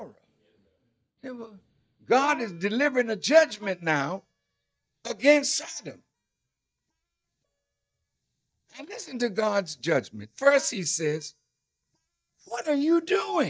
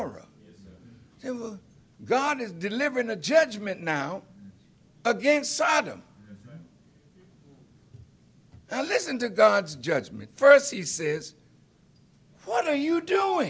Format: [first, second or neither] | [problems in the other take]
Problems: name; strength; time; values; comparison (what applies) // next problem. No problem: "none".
second | noise reduction (neural mask model DeepFilterNet 3)